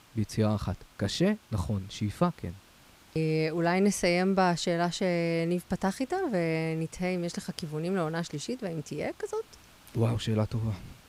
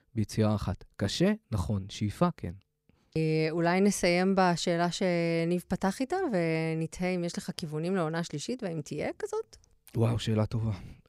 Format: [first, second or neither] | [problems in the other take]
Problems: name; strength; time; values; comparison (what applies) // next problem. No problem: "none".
second | hiss; faint; throughout; 25 dB below the speech